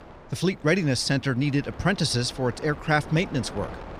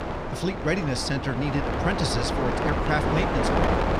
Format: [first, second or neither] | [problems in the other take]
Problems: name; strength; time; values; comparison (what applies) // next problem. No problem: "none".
first | wind noise on the microphone; heavy; 2 dB above the speech; occasional gusts in the first